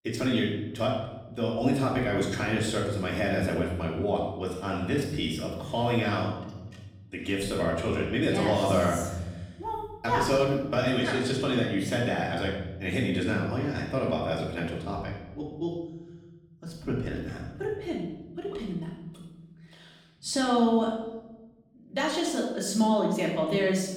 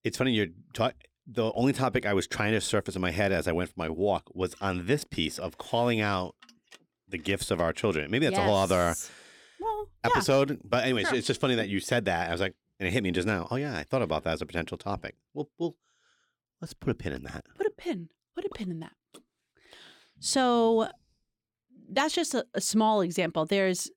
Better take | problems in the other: second | off-mic speech; far // room echo; noticeable; dies away in 1.4 s

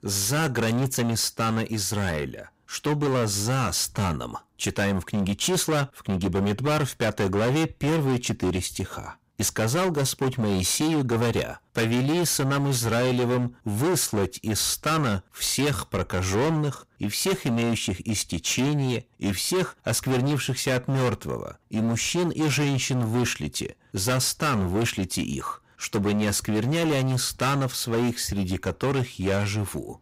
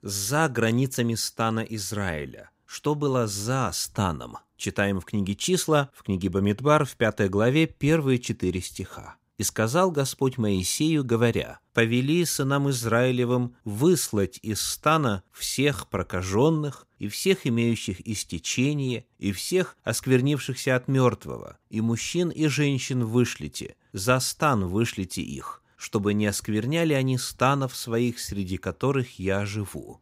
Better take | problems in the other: second | distortion; heavy; 22% of the sound clipped

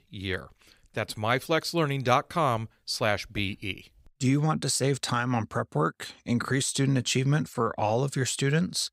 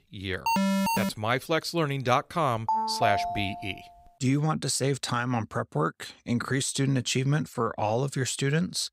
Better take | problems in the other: first | alarm; loud; at 0.5 s; peak 3 dB above the speech // phone ringing; loud; at 2.5 s; peak 1 dB above the speech

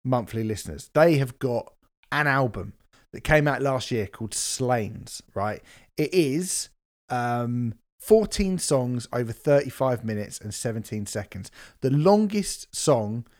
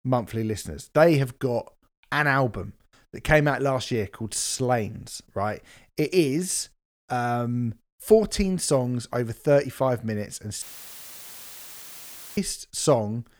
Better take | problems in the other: first | audio cutting out; filled with static; at 11 s for 2 s

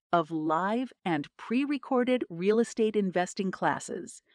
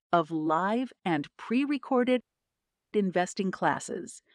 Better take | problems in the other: first | audio cutting out; at 2 s for 0.5 s

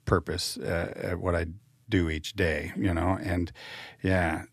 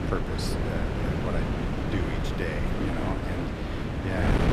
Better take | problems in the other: first | wind noise on the microphone; heavy; 3 dB above the speech

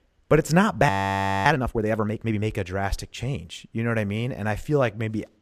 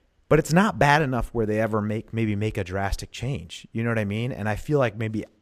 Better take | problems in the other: second | audio freezing; at 1 s for 0.5 s

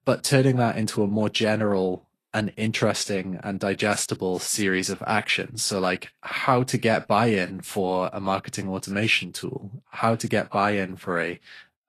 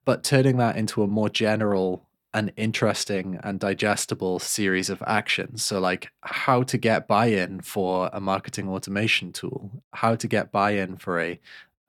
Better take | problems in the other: second | garbled, watery; slightly; nothing above 12 kHz

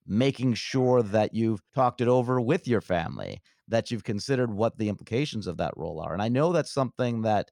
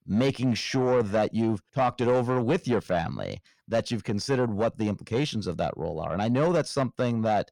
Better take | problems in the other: first | distortion; slight; 10 dB below the speech

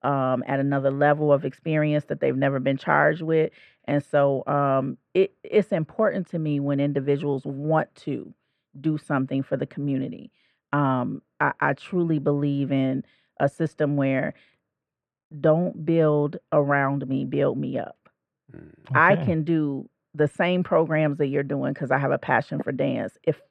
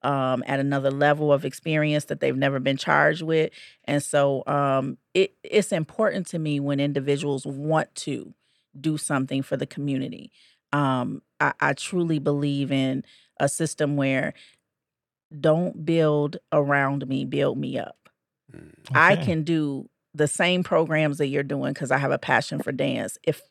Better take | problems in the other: second | muffled; very; fading above 3.5 kHz

